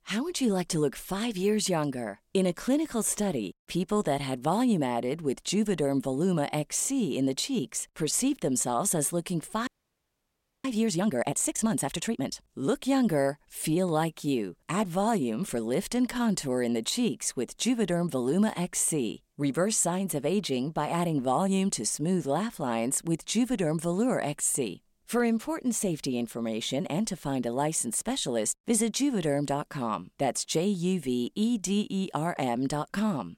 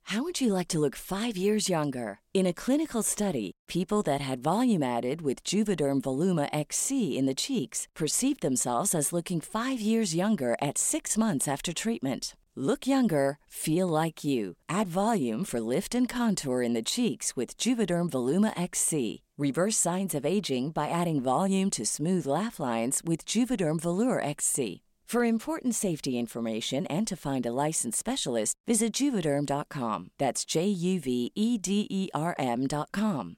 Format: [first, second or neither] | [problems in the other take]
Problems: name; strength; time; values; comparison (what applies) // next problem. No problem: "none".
second | audio freezing; at 9.5 s for 1 s